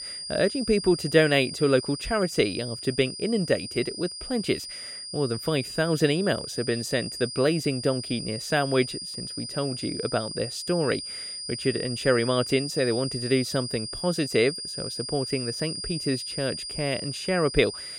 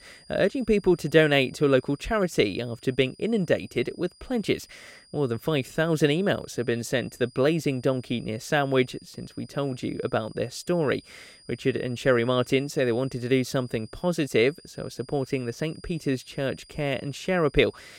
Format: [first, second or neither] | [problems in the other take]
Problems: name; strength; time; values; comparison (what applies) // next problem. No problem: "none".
second | high-pitched whine; loud; throughout; 5 kHz, 7 dB below the speech; faint in the second